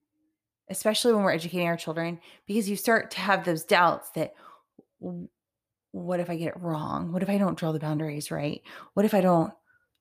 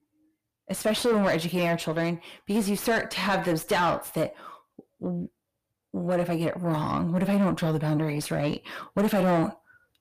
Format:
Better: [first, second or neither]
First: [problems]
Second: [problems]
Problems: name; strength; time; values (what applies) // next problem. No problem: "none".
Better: first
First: none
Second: distortion; heavy; 7 dB below the speech